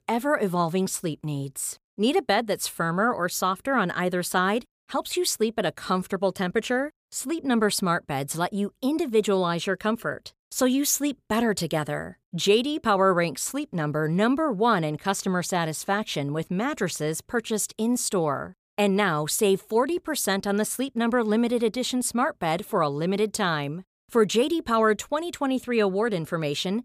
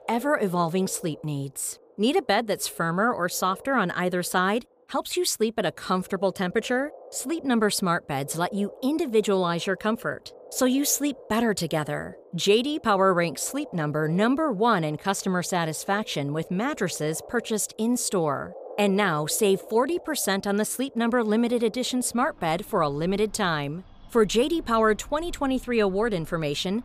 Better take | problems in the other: first | animal sounds; faint; throughout; 20 dB below the speech

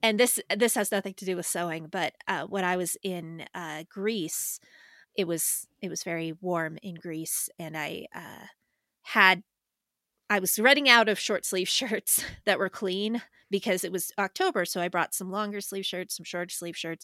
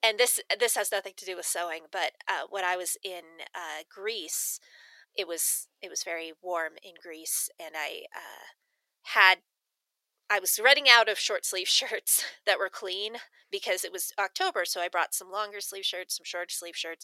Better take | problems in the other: first | thin; very; fading below 450 Hz

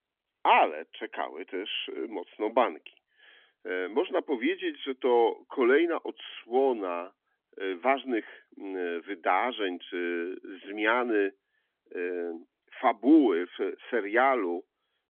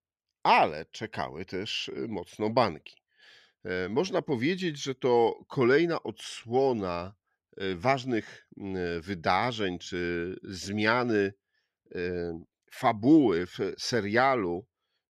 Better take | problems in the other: second | phone-call audio; nothing above 3.5 kHz

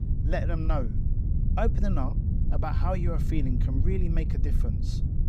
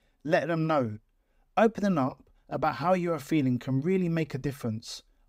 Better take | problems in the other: second | wind noise on the microphone; heavy; 7 dB below the speech

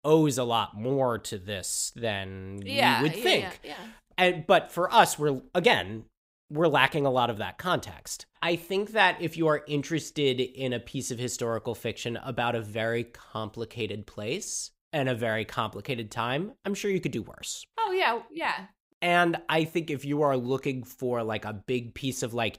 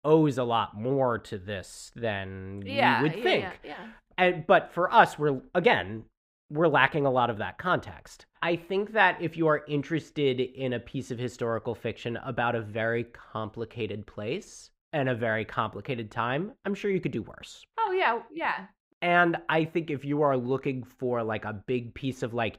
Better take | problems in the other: first | muffled; slightly; fading above 4 kHz

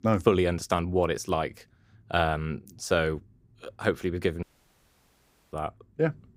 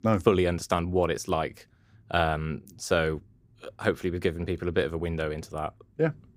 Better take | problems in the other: second | audio cutting out; at 4.5 s for 1 s

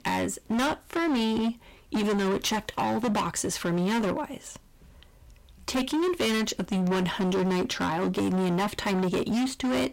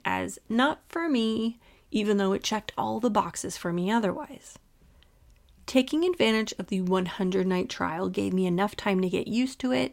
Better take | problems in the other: second | distortion; heavy; 26% of the sound clipped

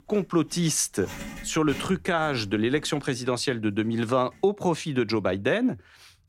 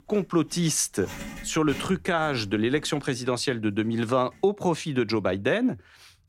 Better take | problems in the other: neither | household noises; noticeable; throughout; 15 dB below the speech; the same in both

